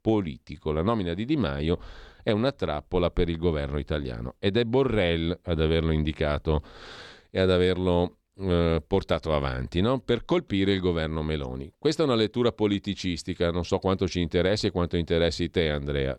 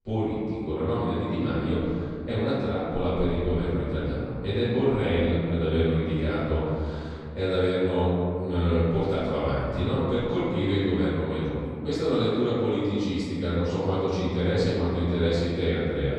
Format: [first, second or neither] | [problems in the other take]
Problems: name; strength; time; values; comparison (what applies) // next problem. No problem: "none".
first | off-mic speech; far // room echo; strong; dies away in 2.5 s